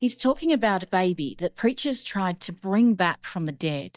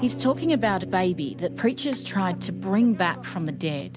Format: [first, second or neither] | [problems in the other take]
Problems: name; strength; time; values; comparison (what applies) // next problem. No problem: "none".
second | noise reduction (neural mask model DeepFilterNet 3)